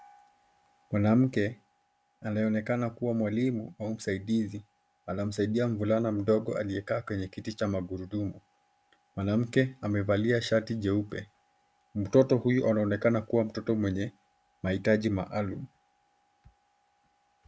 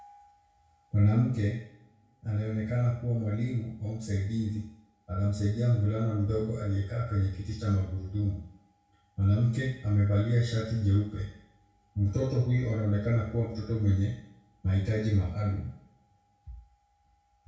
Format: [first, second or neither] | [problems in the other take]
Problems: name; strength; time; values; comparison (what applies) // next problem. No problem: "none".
first | room echo; dies away in 0.6 s